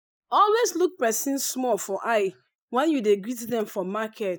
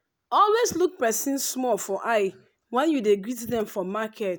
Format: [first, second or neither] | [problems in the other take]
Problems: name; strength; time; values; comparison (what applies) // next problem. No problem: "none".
second | noise reduction (neural mask model Resemble Enhance denoiser)